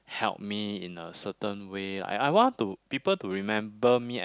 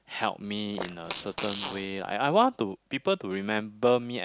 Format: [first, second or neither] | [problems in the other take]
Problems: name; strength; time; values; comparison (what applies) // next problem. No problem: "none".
first | background sound (Fart); 11 dB below the speech